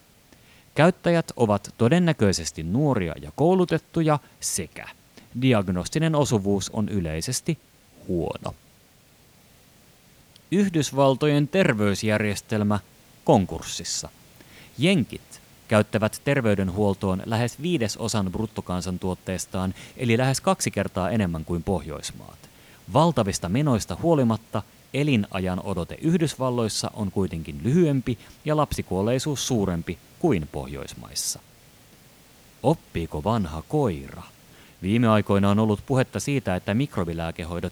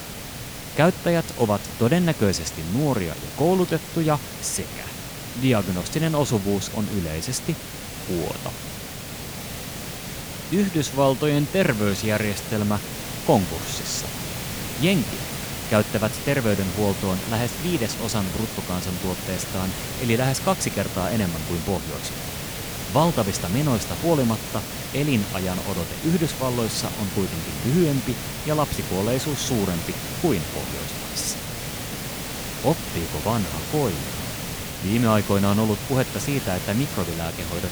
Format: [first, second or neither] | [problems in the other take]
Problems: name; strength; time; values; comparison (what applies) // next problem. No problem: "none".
first | hiss; loud; throughout; 6 dB below the speech; faint in the first